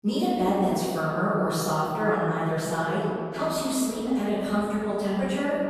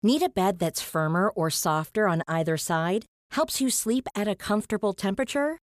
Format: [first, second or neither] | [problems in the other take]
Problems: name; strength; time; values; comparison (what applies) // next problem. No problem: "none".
second | off-mic speech; far // room echo; strong; dies away in 2.3 s